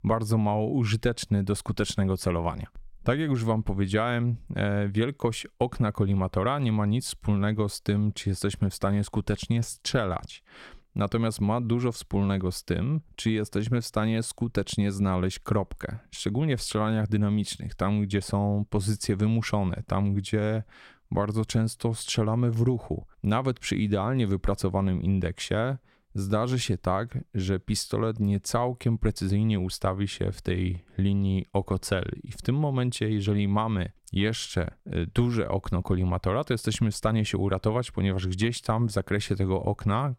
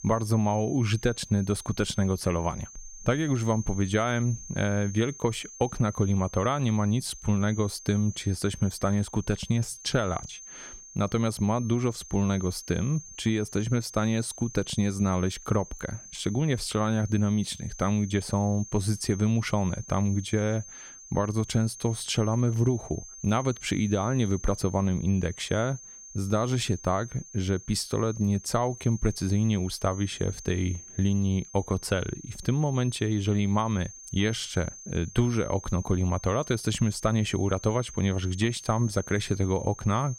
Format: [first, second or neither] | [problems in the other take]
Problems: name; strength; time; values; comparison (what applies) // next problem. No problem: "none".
first | high-pitched whine; noticeable; throughout; 6.5 kHz, 15 dB below the speech